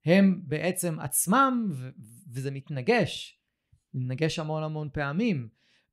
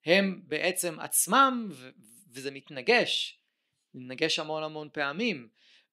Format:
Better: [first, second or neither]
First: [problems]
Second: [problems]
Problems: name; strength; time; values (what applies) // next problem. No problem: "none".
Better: first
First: none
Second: thin; somewhat; fading below 250 Hz